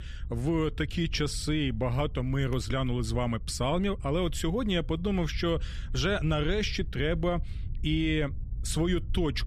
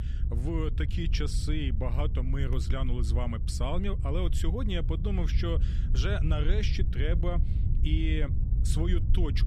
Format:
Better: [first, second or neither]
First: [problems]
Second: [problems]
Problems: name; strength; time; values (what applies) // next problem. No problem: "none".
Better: first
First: low rumble; faint; throughout; 25 dB below the speech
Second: low rumble; loud; throughout; 10 dB below the speech